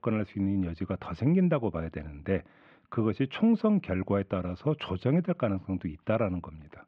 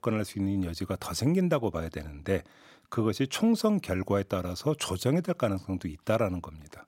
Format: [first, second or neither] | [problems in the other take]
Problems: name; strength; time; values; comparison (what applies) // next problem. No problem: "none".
second | muffled; very; fading above 2.5 kHz